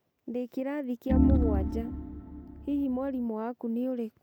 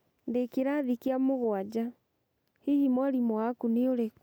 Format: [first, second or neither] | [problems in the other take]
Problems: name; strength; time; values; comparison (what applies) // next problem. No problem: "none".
second | background sound (Organ); 4 dB above the speech